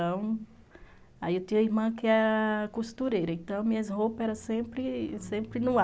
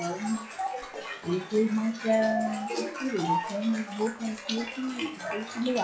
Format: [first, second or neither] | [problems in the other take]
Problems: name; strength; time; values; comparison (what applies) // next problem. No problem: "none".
first | noise reduction (classical method log-MMSE)